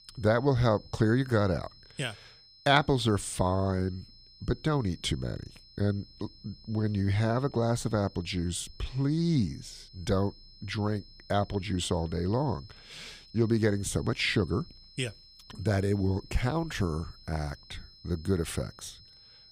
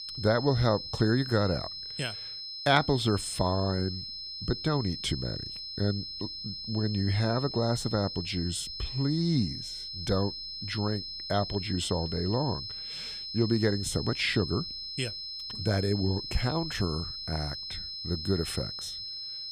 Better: first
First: high-pitched whine; faint; throughout; 5 kHz, 25 dB below the speech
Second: high-pitched whine; loud; throughout; 5 kHz, 6 dB below the speech

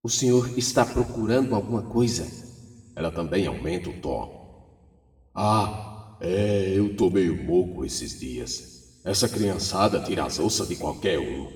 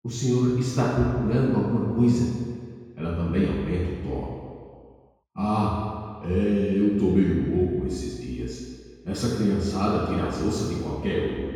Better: first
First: room echo; slight; dies away in 1.5 s // off-mic speech; somewhat distant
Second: room echo; strong; dies away in 2 s // off-mic speech; far

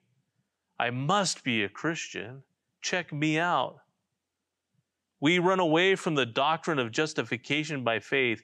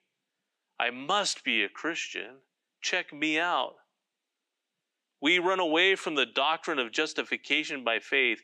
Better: first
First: none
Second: thin; very slightly; fading below 250 Hz

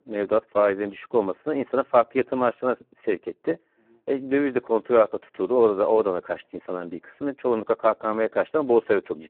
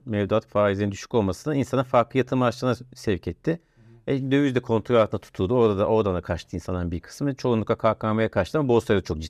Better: second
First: phone-call audio; poor line; nothing above 3.5 kHz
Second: none

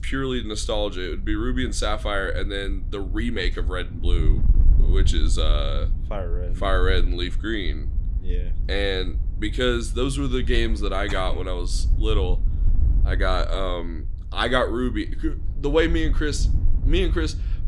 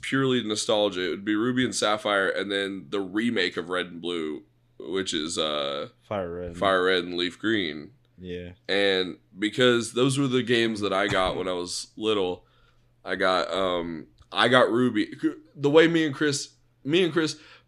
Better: second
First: wind noise on the microphone; occasional gusts; 20 dB below the speech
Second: none

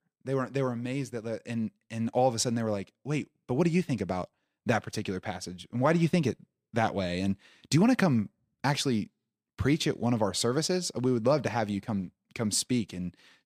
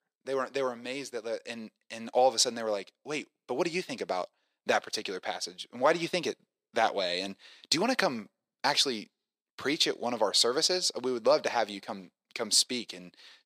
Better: first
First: none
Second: thin; somewhat; fading below 500 Hz

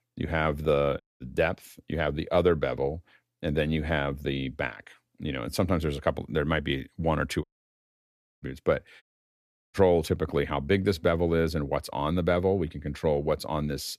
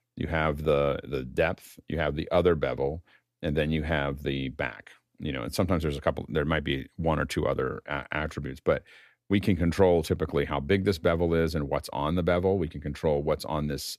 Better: second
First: audio cutting out; at 1 s, at 7.5 s for 1 s and at 9 s for 0.5 s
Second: none

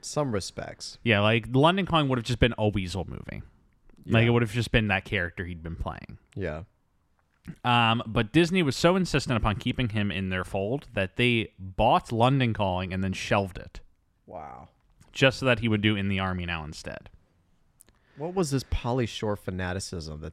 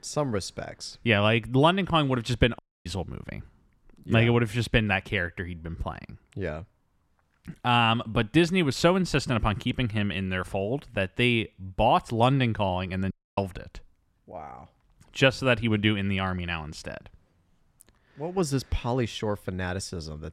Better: first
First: none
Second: audio cutting out; at 2.5 s and at 13 s

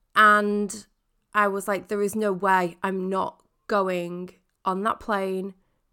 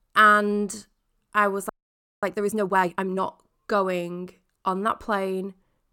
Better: first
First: none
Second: audio freezing; at 1.5 s for 0.5 s

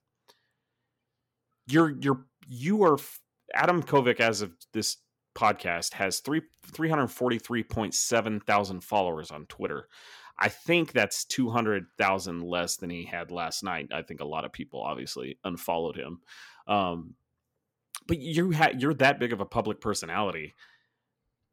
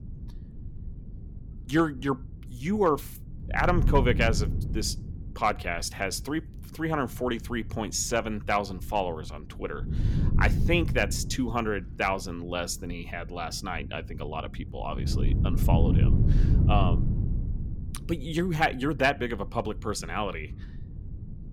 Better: first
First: none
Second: wind noise on the microphone; occasional gusts; 15 dB below the speech

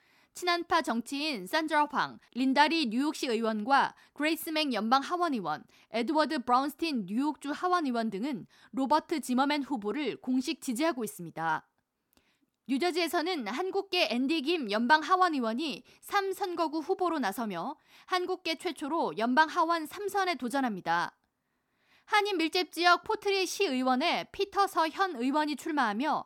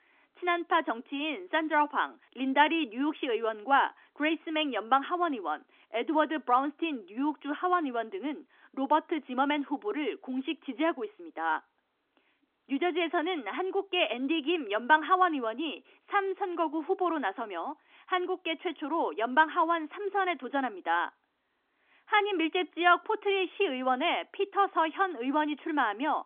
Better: first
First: none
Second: phone-call audio; nothing above 3.5 kHz

